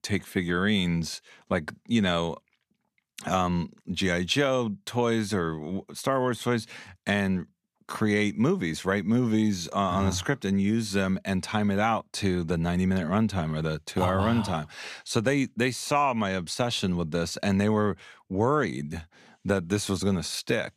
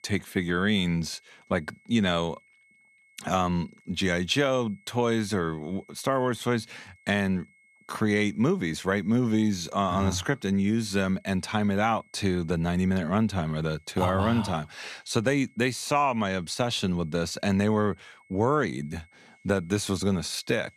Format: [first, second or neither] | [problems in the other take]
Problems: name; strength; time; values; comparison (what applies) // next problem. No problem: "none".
first | high-pitched whine; faint; throughout; 2 kHz, 30 dB below the speech